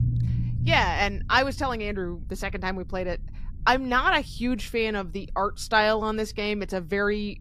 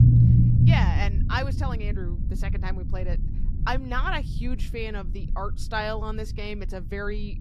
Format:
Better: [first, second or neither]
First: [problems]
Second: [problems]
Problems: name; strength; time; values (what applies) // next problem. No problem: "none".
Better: first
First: low rumble; faint; throughout; 20 dB below the speech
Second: low rumble; loud; throughout; 5 dB below the speech